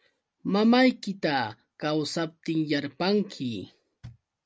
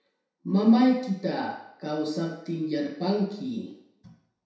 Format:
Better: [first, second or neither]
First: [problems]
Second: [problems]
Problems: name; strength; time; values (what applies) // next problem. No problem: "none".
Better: first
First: none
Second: room echo; dies away in 0.7 s